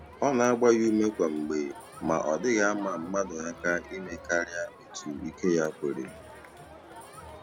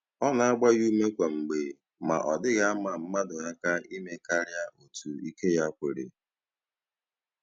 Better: second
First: background sound (Crowd); 17 dB below the speech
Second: none

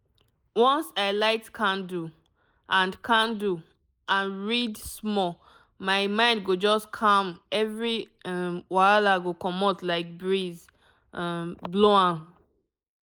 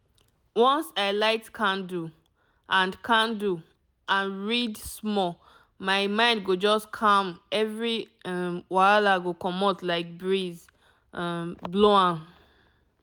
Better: second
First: noise reduction (neural mask model Resemble Enhance denoiser)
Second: none

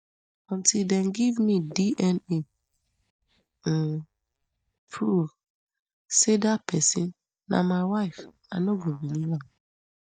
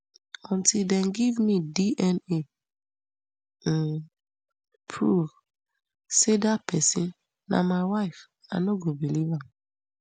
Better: second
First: noise reduction (neural mask model DeepFilterNet 3)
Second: none

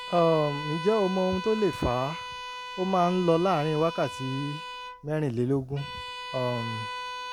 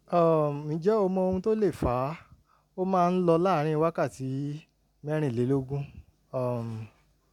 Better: second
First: background sound (Bowed string instrument); 10 dB below the speech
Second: none

